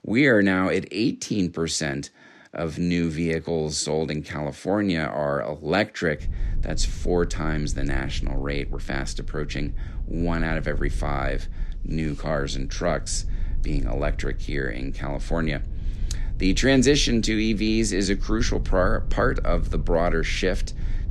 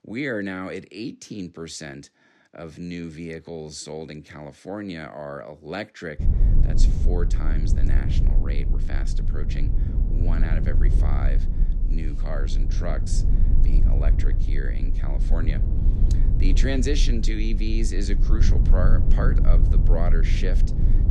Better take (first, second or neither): first